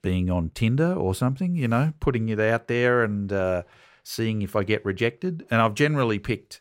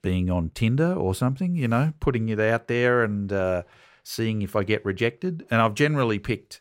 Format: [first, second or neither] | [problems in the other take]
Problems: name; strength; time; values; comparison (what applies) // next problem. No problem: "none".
neither | none